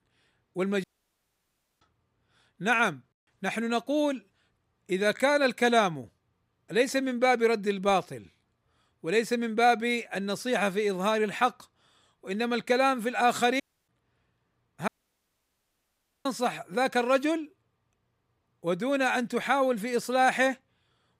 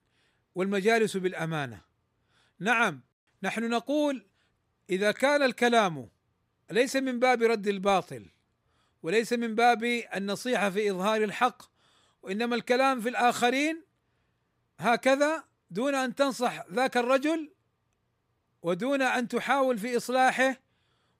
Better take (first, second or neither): second